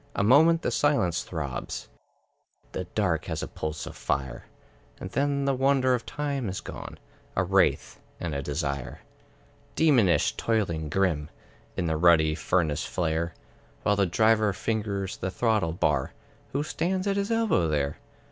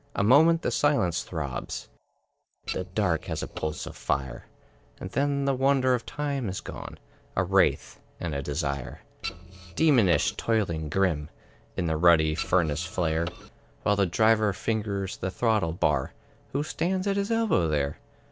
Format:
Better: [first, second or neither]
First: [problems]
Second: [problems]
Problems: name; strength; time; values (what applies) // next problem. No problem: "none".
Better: first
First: none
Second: noise reduction (neural separator model SepFormer DNS4)